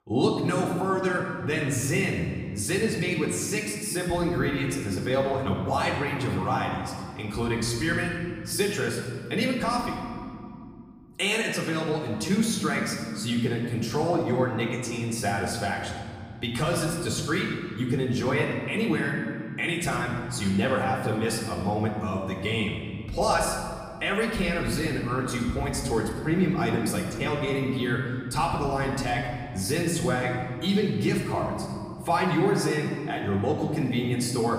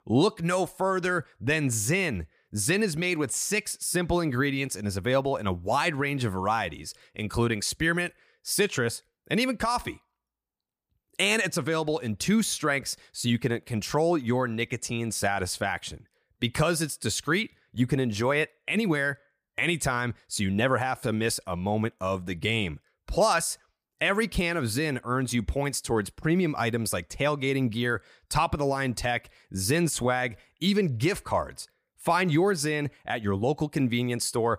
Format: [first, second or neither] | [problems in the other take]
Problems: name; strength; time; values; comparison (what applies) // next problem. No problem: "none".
second | room echo; noticeable; dies away in 2.3 s // off-mic speech; far